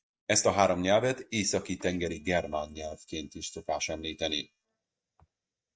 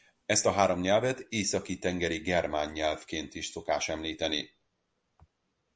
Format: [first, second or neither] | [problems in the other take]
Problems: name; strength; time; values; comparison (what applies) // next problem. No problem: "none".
second | noise reduction (neural mask model DeepFilterNet 3)